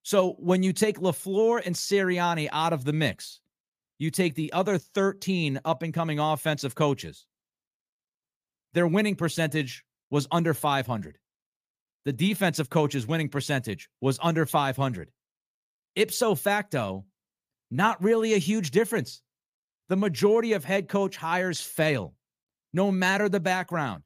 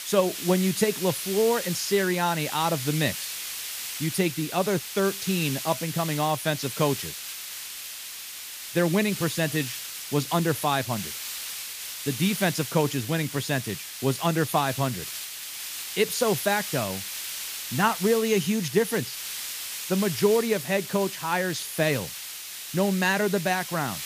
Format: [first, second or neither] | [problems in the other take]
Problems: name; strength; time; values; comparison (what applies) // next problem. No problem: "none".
first | hiss; loud; throughout; 7 dB below the speech